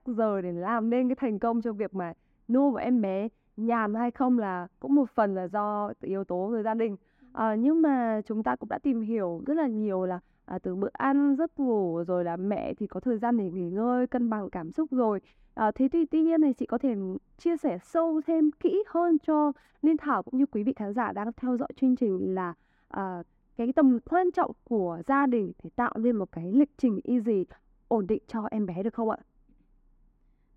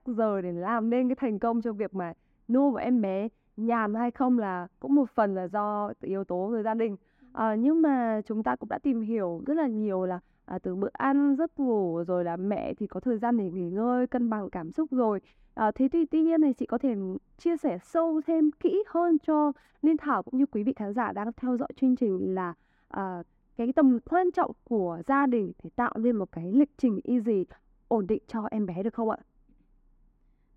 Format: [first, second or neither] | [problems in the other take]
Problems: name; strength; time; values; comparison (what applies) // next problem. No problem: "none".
neither | muffled; very; fading above 2.5 kHz; the same in both